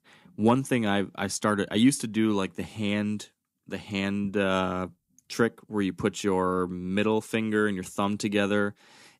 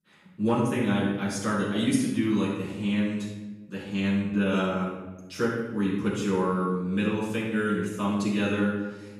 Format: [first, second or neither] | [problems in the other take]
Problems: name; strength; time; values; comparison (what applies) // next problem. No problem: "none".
first | off-mic speech; far // room echo; noticeable; dies away in 1 s